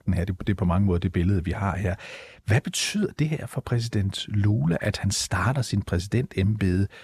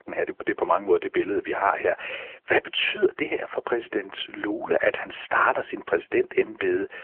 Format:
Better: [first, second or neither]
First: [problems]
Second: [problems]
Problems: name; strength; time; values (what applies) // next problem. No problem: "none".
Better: first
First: none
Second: phone-call audio; nothing above 3 kHz